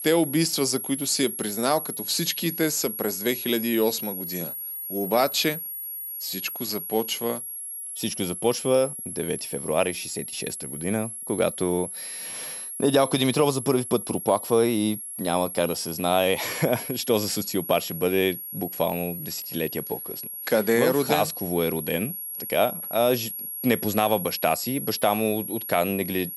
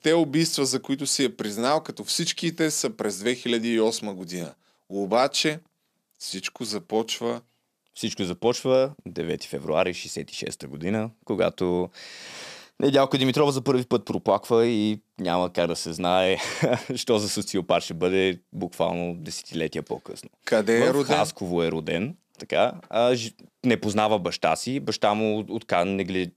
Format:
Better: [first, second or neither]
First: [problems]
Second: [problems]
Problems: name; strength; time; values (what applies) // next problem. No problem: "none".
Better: second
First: high-pitched whine; loud; throughout; 11 kHz, 7 dB below the speech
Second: none